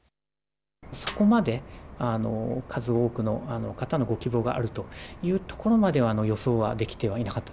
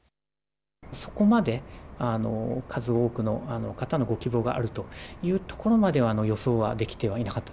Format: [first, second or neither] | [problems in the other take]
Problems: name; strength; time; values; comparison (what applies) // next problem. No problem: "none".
second | background sound (Snare drum); 17 dB below the speech